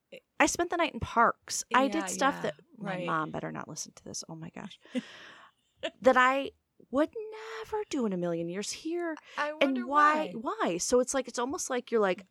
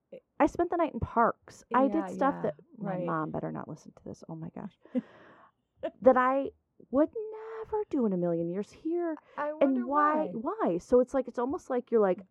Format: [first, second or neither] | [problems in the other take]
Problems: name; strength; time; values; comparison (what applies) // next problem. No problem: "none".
first | muffled; very; fading above 2 kHz